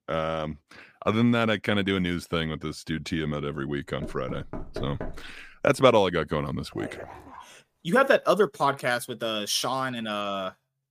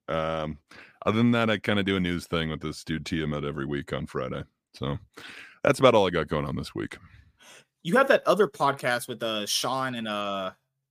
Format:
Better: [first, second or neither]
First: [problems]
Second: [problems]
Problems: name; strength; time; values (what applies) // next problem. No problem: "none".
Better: second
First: door banging; faint; from 4 to 5.5 s; peak 10 dB below the speech // dog barking; faint; at 6.5 s; peak 15 dB below the speech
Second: none